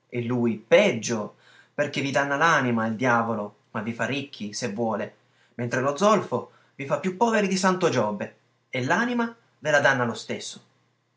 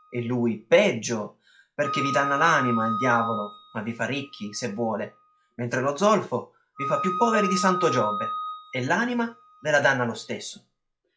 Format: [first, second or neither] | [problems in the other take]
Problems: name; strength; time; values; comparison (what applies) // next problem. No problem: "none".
first | noise reduction (classical method log-MMSE)